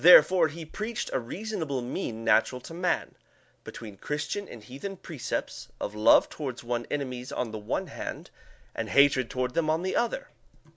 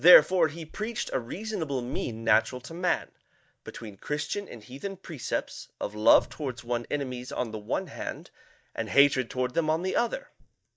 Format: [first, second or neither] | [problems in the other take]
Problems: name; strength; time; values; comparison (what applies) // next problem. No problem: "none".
first | noise reduction (neural mask model DeepFilterNet 3)